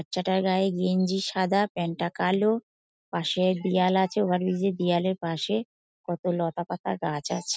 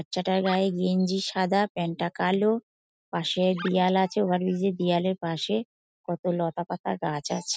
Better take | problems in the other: first | background sound (Animal); 17 dB below the speech

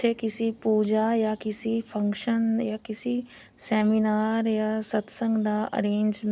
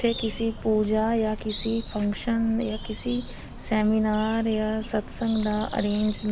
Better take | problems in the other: first | background sound (Bird); 11 dB below the speech

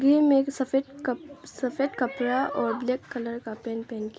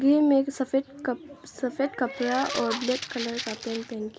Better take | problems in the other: first | background sound (Rattle (instrument)); 10 dB below the speech

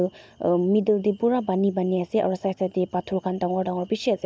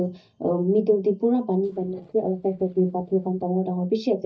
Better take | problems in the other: first | noise reduction (neural mask model DeepFilterNet 3)

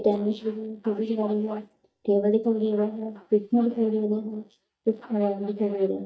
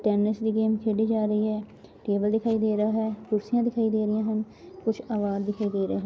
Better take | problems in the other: second | noise reduction (neural mask model DeepFilterNet 3)

